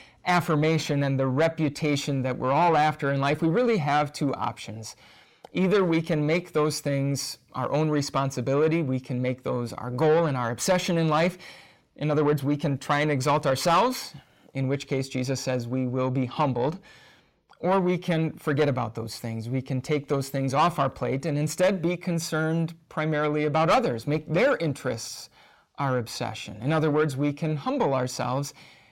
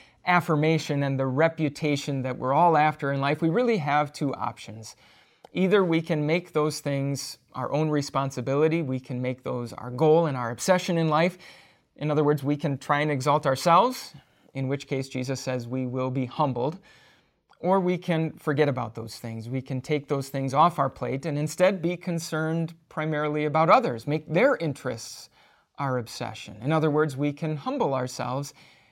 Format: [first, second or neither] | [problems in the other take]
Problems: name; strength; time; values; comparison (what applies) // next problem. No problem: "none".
second | distortion; slight; 10 dB below the speech